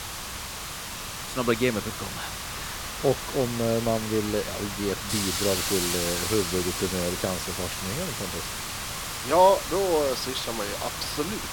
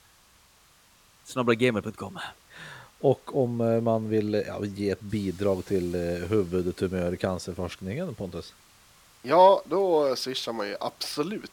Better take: second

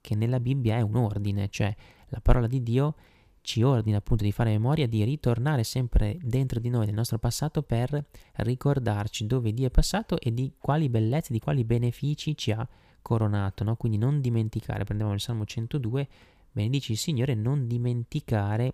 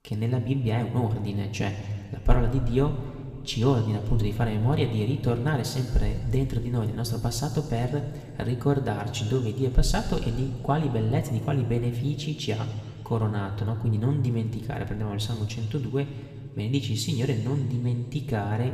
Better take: first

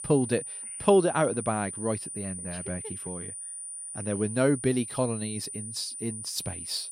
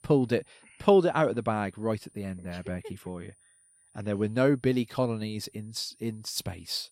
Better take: second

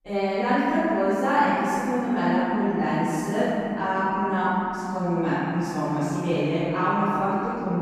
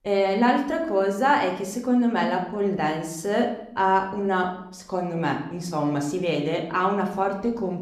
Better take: second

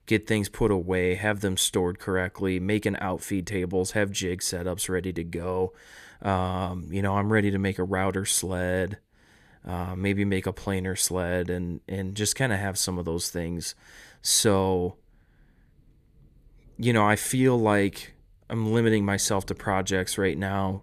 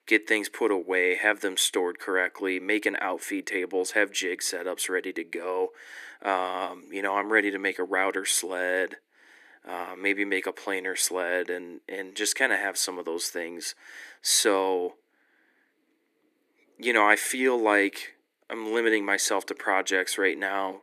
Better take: first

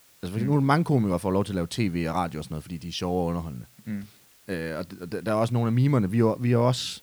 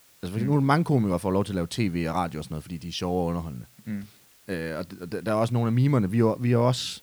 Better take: neither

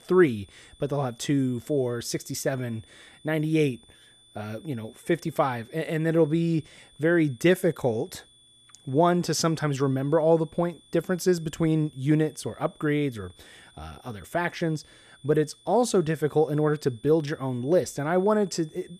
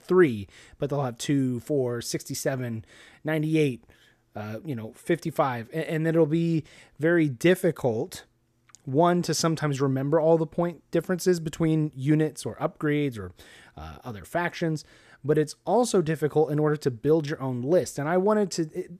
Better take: second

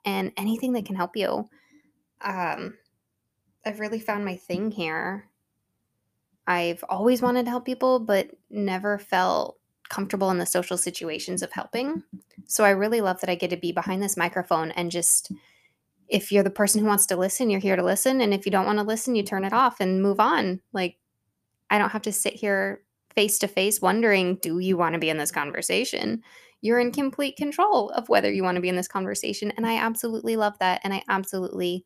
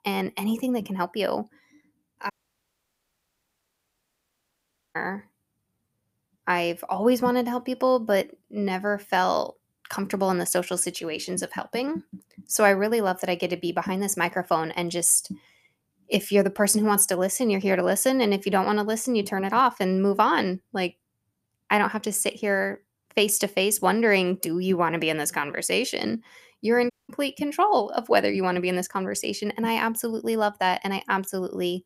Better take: first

